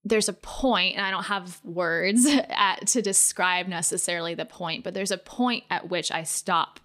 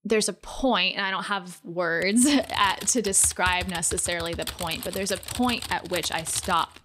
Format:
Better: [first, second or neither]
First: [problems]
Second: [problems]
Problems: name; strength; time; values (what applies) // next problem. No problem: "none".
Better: first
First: none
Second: keyboard typing; noticeable; from 2 s on; peak 8 dB below the speech